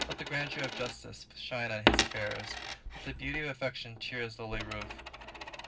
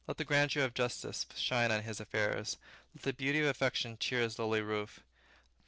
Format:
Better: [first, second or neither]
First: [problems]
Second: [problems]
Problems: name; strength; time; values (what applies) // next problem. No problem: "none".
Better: second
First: background sound (Coin (dropping)); 2 dB above the speech // room echo; dies away in 0.4 s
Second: none